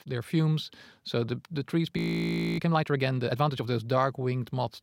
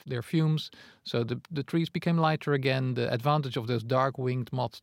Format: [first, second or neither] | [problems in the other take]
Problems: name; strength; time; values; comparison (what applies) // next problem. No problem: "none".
second | audio freezing; at 2 s for 0.5 s